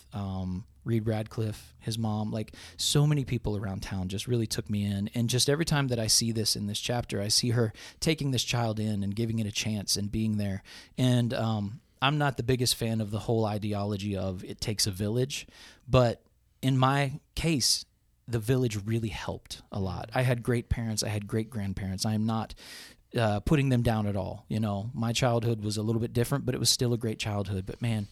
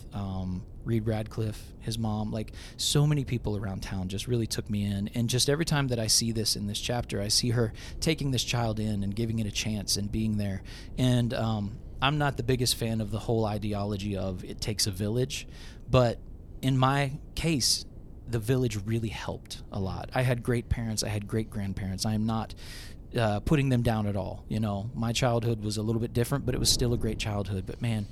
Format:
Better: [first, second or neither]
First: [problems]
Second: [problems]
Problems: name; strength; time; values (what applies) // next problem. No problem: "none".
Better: first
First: none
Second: wind noise on the microphone; occasional gusts; 25 dB below the speech